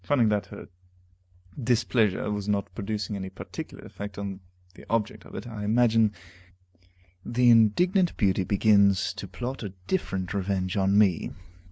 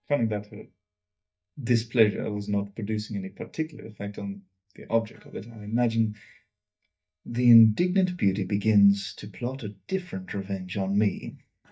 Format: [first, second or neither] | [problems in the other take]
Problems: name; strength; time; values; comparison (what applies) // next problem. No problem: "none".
first | noise reduction (neural mask model DeepFilterNet 3)